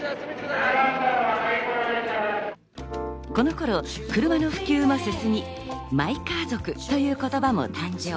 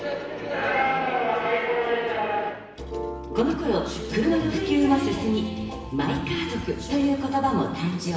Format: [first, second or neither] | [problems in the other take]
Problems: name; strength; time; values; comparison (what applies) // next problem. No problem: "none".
first | room echo; dies away in 1.1 s